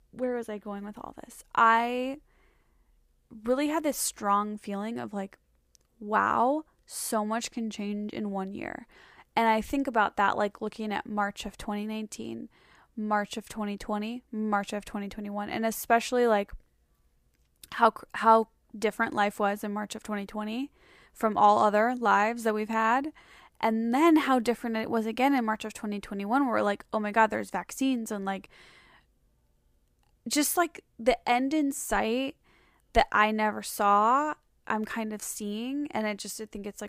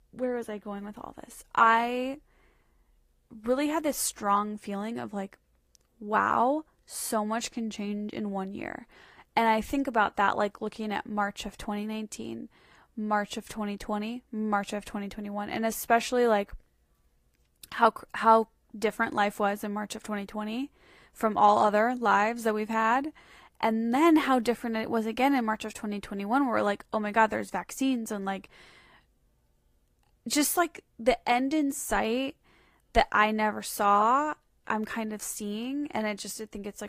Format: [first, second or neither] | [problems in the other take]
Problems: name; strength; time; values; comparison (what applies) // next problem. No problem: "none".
first | garbled, watery; slightly; nothing above 15 kHz